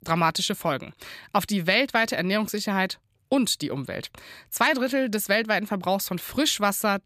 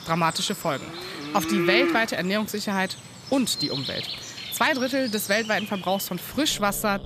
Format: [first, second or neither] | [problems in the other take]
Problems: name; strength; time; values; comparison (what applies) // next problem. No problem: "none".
first | animal sounds; loud; throughout; 7 dB below the speech